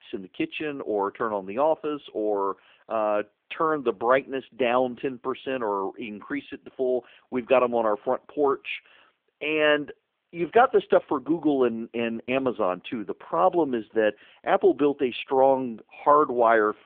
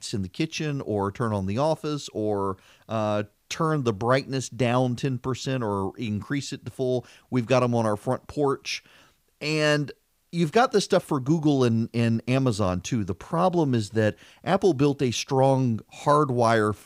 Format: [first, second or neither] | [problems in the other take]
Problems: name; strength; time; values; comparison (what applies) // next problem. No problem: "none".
second | phone-call audio